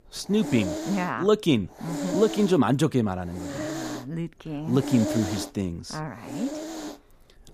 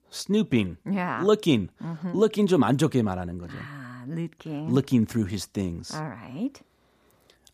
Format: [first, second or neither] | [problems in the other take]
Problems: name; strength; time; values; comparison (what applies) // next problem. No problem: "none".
second | hiss; loud; throughout; 8 dB below the speech